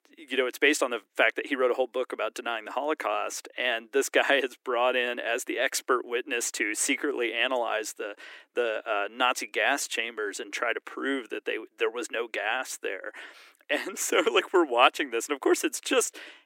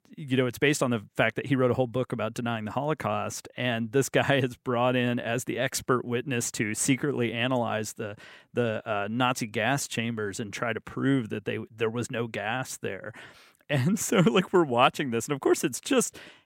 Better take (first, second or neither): second